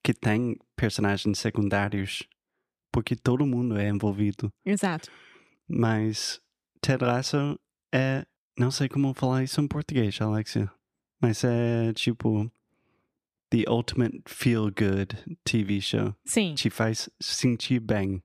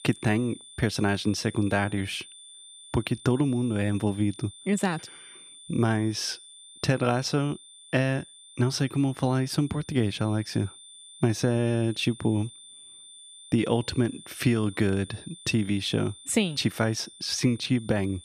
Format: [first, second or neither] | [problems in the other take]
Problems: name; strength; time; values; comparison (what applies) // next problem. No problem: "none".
first | high-pitched whine; noticeable; throughout; 3.5 kHz, 20 dB below the speech